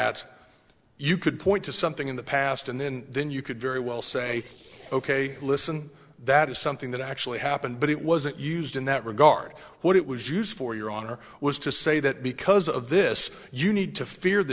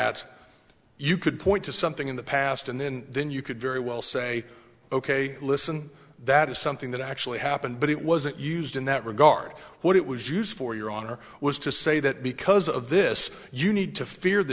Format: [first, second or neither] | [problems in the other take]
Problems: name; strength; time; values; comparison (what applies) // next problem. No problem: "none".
second | noise reduction (neural separator model SepFormer DNS4)